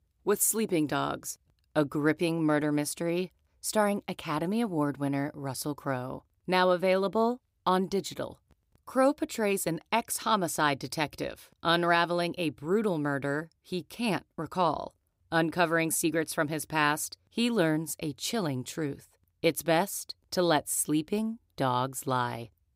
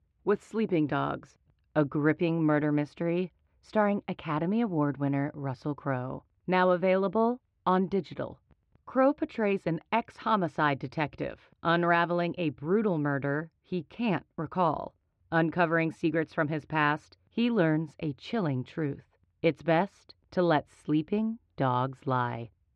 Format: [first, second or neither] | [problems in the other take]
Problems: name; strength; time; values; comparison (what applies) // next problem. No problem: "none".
first | muffled; very; fading above 2.5 kHz